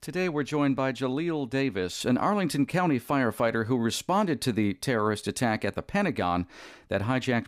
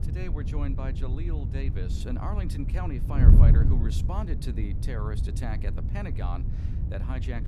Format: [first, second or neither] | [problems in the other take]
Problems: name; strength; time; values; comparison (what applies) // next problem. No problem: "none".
first | wind noise on the microphone; heavy; 2 dB below the speech